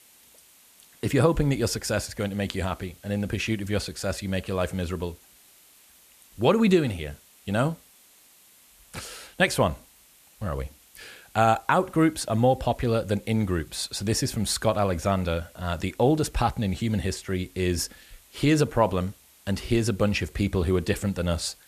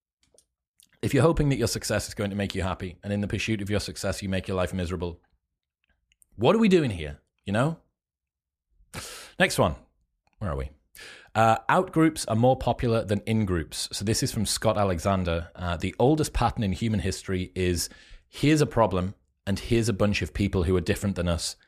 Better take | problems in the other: second | hiss; faint; throughout; 25 dB below the speech

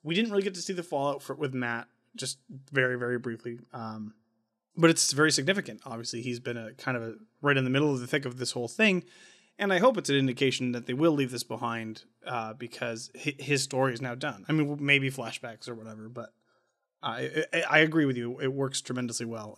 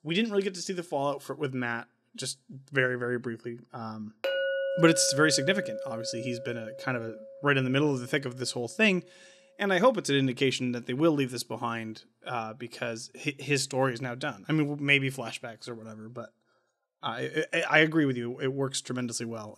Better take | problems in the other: first | clattering dishes; noticeable; from 4 to 7 s; peak 1 dB below the speech

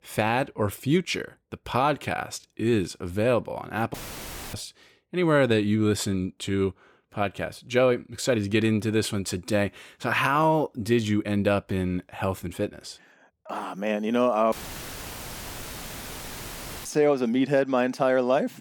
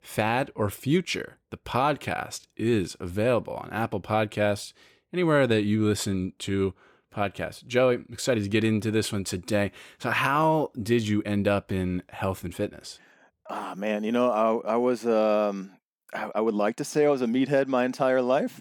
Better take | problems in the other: second | audio cutting out; filled with static; at 4 s for 0.5 s and at 15 s for 2.5 s

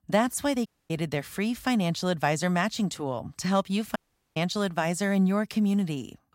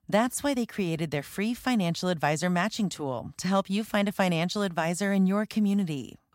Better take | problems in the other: second | audio cutting out; at 0.5 s and at 4 s

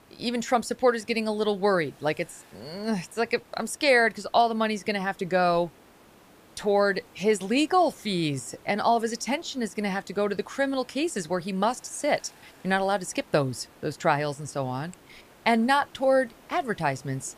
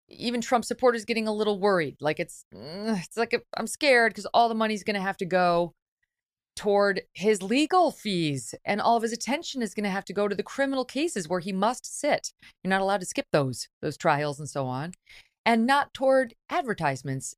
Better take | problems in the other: second | hiss; faint; throughout; 25 dB below the speech

